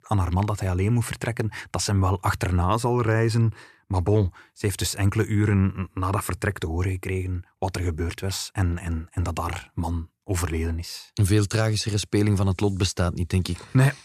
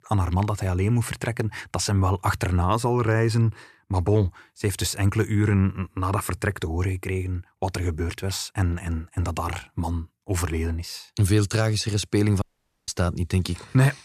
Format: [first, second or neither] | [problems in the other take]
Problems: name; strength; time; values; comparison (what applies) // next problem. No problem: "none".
first | audio cutting out; at 12 s